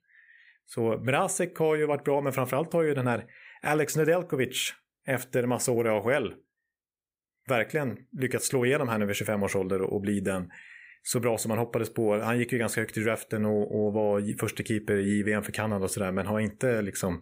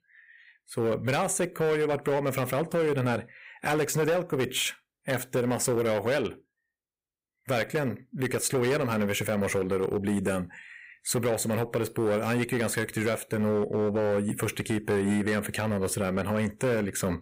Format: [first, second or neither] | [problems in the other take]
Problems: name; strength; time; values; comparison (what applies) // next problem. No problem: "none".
first | distortion; slight; 10% of the sound clipped